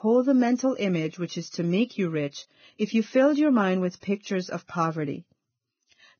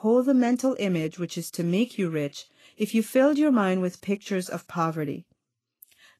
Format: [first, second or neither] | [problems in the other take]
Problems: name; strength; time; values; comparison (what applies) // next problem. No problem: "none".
second | garbled, watery; badly; nothing above 6.5 kHz; slightly in the second